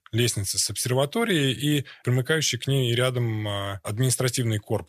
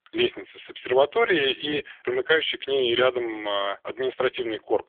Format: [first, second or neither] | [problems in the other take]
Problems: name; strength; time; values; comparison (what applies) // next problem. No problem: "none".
first | phone-call audio; poor line; nothing above 3.5 kHz